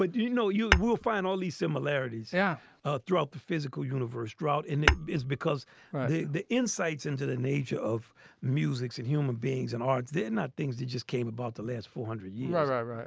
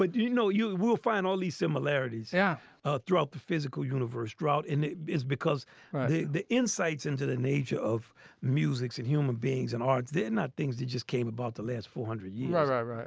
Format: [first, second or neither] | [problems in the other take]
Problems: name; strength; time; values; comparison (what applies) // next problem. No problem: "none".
second | background sound (Tap / Hammer / Glass); 5 dB below the speech